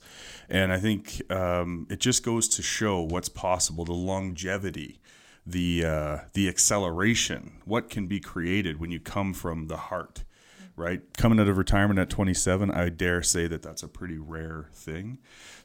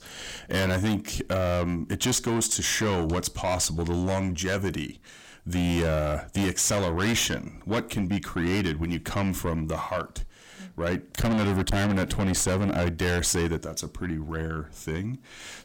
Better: first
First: none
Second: distortion; heavy; 6 dB below the speech

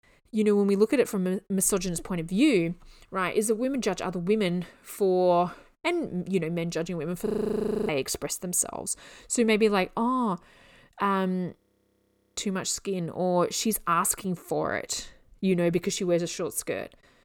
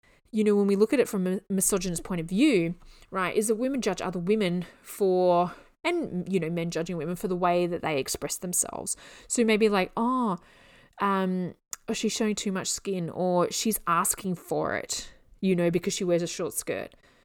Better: second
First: audio freezing; at 7.5 s for 0.5 s and at 12 s for 1 s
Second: none

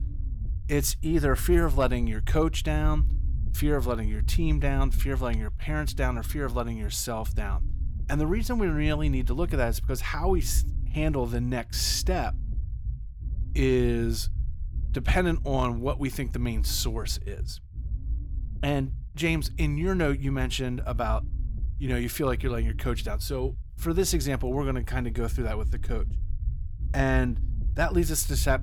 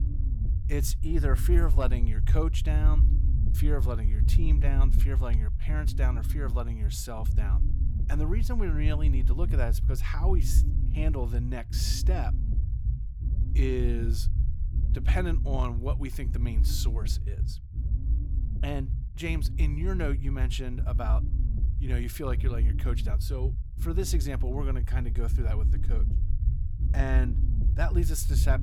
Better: first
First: low rumble; faint; throughout; 20 dB below the speech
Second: low rumble; loud; throughout; 9 dB below the speech

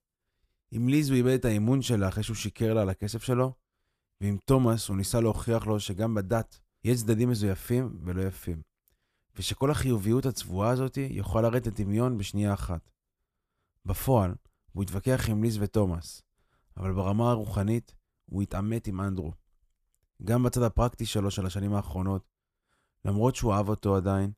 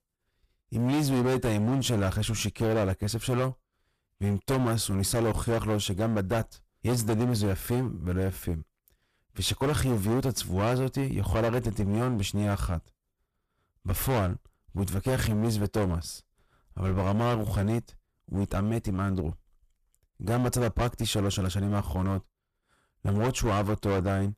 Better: first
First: none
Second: distortion; heavy; 17% of the sound clipped

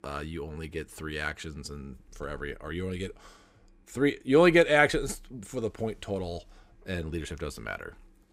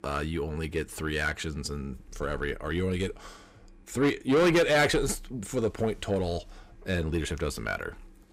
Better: first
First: none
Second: distortion; heavy; 6 dB below the speech

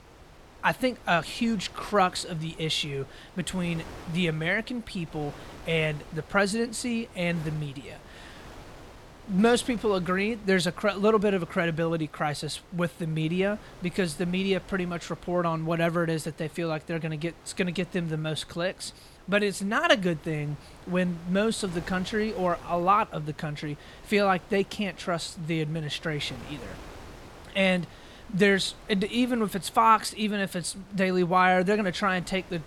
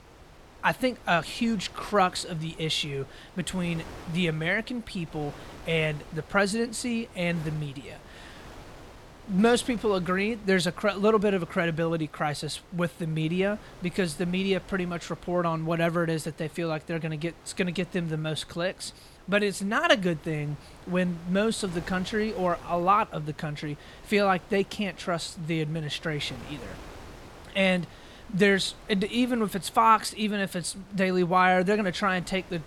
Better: neither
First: wind noise on the microphone; occasional gusts; 20 dB below the speech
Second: wind noise on the microphone; occasional gusts; 20 dB below the speech

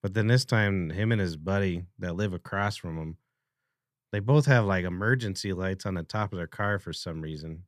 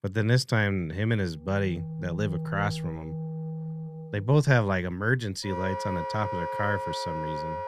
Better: first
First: none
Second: background music; loud; from 1.5 s on; 6 dB below the speech

